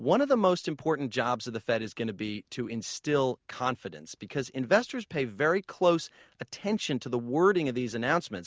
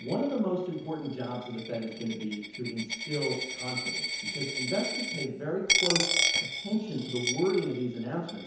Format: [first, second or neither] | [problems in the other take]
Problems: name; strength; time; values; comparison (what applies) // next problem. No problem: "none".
first | background sound (Coin (dropping)); 1 dB below the speech // room echo; dies away in 1 s